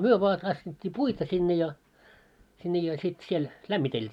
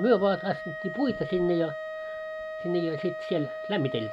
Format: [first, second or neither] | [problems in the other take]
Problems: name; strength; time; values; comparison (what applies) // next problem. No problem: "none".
first | background sound (Wind instrument, woodwind instrument); 8 dB below the speech